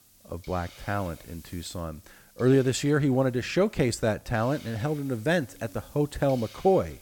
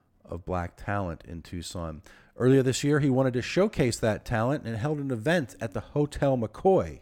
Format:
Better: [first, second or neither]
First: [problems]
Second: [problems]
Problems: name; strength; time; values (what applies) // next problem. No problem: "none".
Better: second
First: hiss; faint; throughout; 25 dB below the speech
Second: none